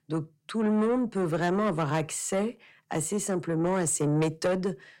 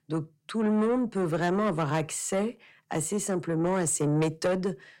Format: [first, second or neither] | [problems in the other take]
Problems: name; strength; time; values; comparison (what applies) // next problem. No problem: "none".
neither | distortion; slight; 10 dB below the speech; the same in both